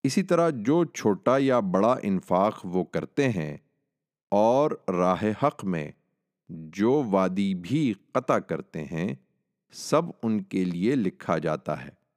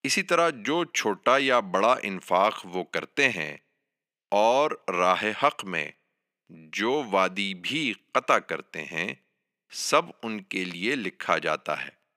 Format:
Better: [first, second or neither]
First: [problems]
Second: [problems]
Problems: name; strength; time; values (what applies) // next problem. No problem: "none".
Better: first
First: none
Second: thin; somewhat; fading below 1 kHz